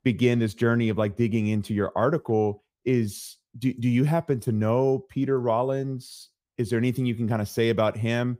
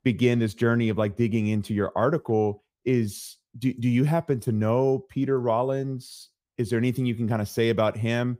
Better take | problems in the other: neither | none

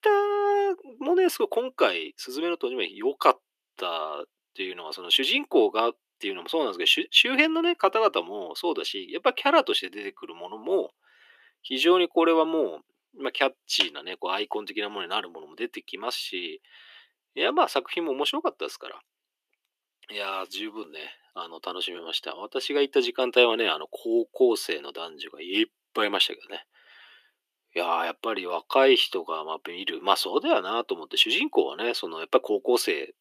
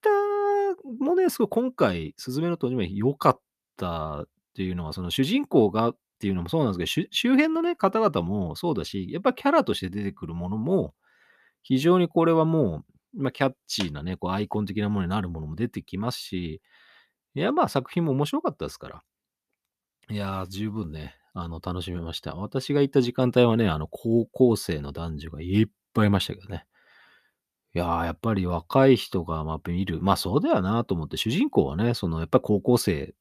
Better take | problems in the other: second | thin; very; fading below 350 Hz

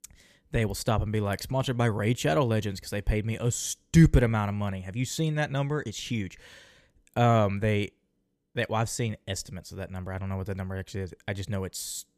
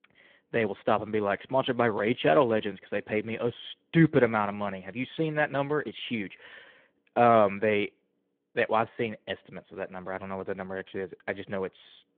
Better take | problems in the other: first | phone-call audio

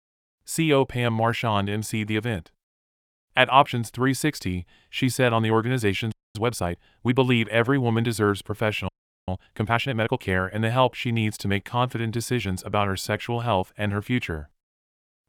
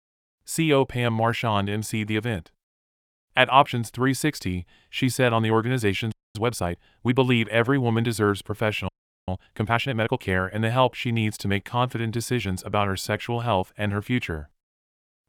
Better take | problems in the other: neither | audio freezing; at 6 s and at 9 s; the same in both

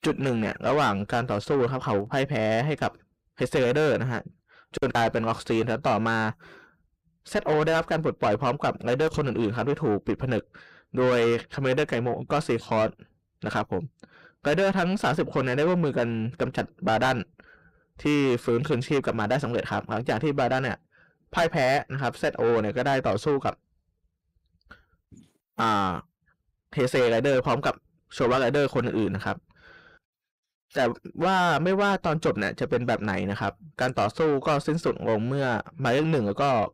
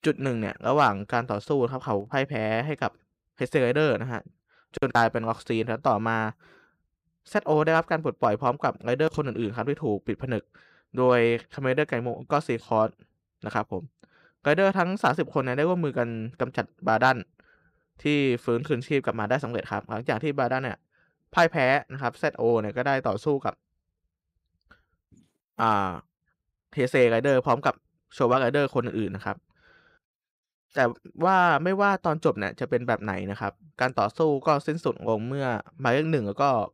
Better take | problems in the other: second | distortion; heavy; 7 dB below the speech

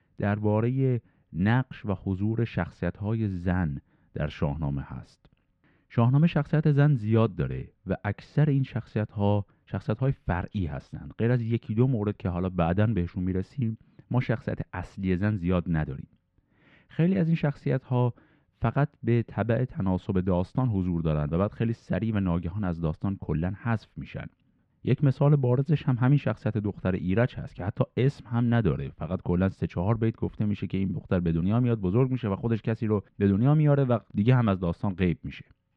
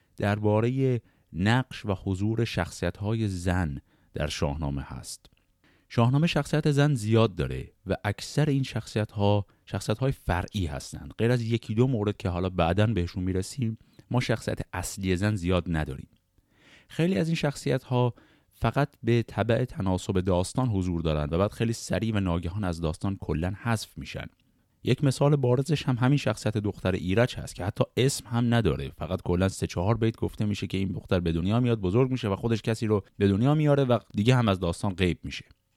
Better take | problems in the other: second | muffled; very; fading above 2 kHz

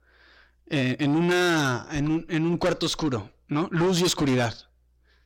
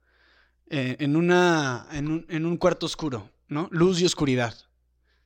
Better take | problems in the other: second | distortion; heavy; 7 dB below the speech

